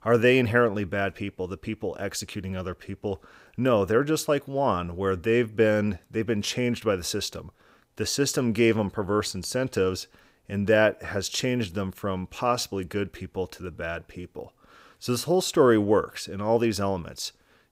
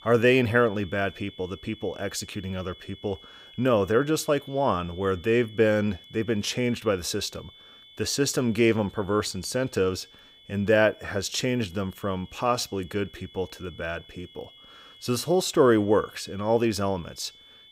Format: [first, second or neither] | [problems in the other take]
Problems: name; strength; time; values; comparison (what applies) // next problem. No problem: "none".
first | high-pitched whine; faint; throughout; 3.5 kHz, 20 dB below the speech